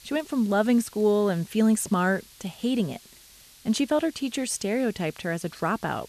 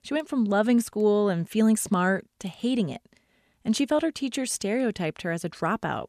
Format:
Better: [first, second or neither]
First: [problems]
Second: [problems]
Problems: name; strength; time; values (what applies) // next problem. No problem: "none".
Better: second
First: hiss; faint; throughout; 25 dB below the speech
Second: none